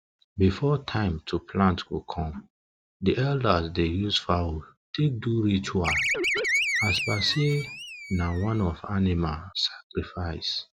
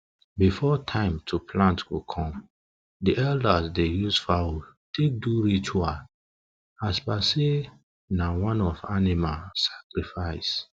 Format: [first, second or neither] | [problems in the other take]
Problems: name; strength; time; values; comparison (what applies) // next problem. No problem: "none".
second | background sound (Animal); 2 dB below the speech